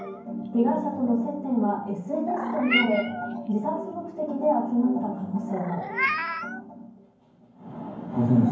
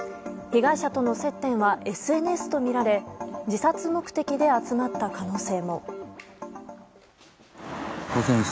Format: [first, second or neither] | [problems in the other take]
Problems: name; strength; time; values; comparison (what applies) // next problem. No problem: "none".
second | background sound (Meow); 8 dB below the speech // room echo; dies away in 0.9 s